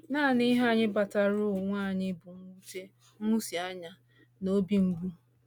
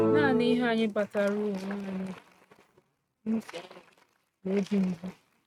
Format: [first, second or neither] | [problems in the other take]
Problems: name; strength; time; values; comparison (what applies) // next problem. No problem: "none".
first | noise reduction (neural mask model RNNoise)